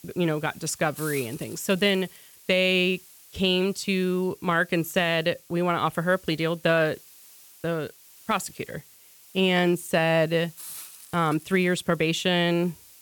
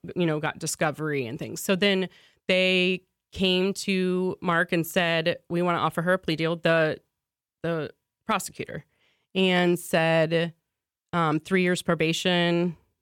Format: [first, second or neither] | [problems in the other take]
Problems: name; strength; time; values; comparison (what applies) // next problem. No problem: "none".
second | hiss; faint; throughout; 20 dB below the speech